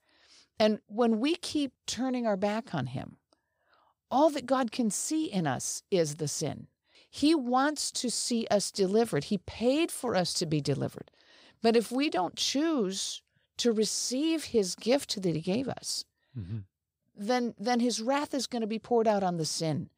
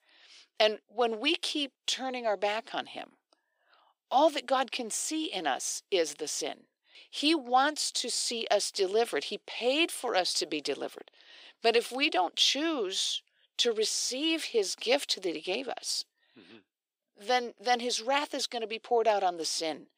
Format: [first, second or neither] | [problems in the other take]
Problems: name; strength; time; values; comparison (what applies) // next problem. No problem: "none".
first | thin; somewhat; fading below 350 Hz